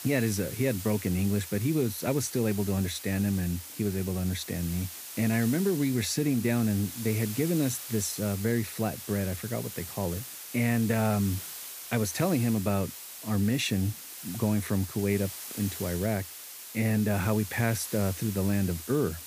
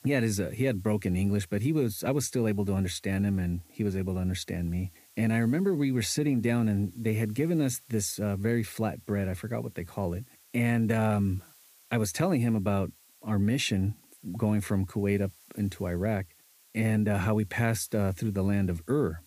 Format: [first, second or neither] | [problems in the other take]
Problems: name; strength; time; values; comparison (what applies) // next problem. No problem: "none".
second | hiss; loud; throughout; 10 dB below the speech; faint in the second